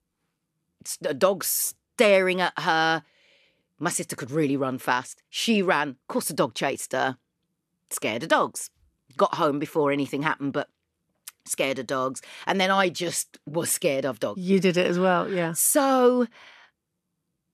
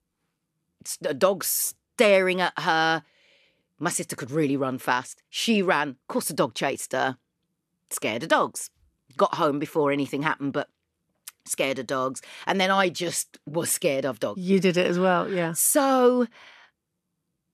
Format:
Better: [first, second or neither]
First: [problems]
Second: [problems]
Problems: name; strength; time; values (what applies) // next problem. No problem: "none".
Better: neither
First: none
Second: none